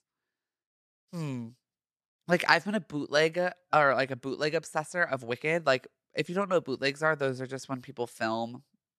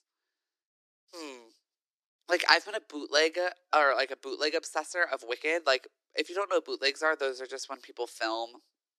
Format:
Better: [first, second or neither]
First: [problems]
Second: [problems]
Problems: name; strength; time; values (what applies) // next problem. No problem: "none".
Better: first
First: none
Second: thin; very; fading below 300 Hz